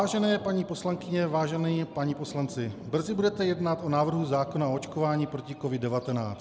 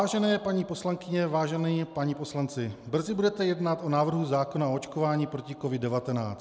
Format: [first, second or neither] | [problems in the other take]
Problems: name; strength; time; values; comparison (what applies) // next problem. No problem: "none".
second | background sound (Thunder); 17 dB below the speech